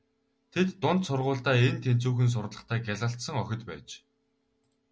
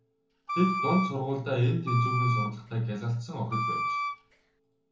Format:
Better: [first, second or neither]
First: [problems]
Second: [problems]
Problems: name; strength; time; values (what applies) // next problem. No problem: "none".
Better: first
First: none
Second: background sound (Wind instrument, woodwind instrument); 3 dB below the speech // room echo; dies away in 0.7 s